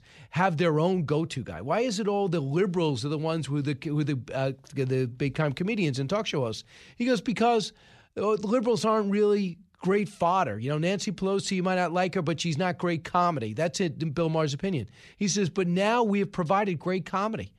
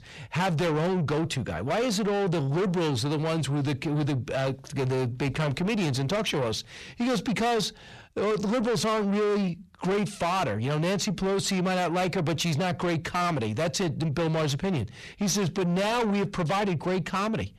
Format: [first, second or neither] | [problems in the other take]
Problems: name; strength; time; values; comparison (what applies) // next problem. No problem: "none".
first | distortion; heavy; 7 dB below the speech